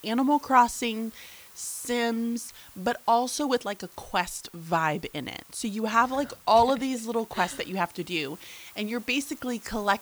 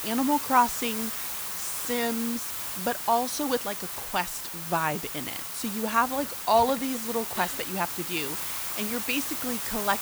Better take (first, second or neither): first